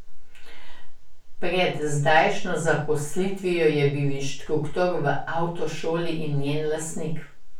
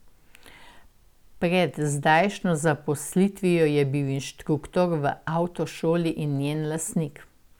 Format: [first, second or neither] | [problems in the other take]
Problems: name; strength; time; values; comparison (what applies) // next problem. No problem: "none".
second | room echo; dies away in 0.3 s